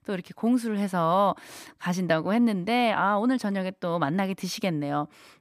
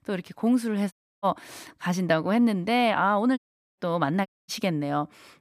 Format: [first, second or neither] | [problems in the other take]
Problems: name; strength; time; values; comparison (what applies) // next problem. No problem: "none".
first | audio cutting out; at 1 s, at 3.5 s and at 4.5 s